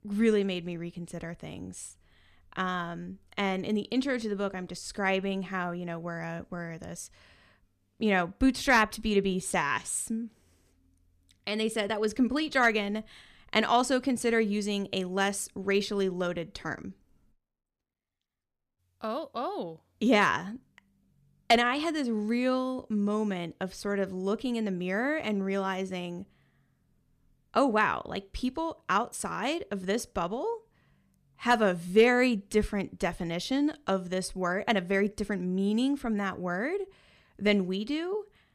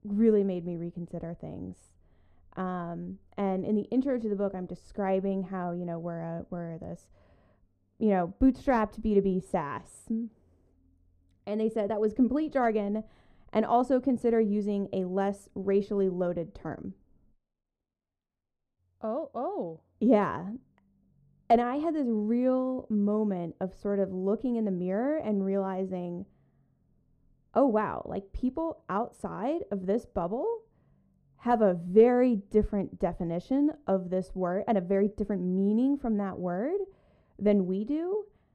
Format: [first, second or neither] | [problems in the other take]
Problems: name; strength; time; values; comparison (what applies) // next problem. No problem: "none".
first | muffled; very; fading above 1.5 kHz